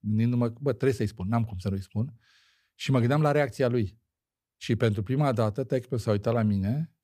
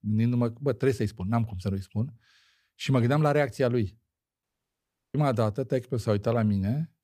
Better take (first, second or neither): first